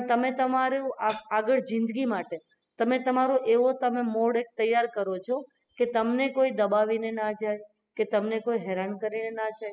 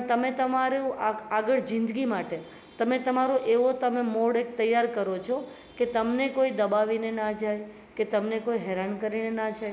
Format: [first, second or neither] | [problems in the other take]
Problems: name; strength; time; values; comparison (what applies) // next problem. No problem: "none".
second | noise reduction (classical method spectral subtraction)